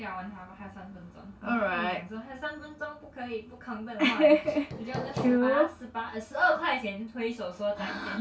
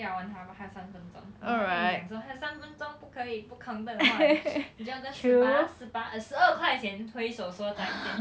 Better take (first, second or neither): second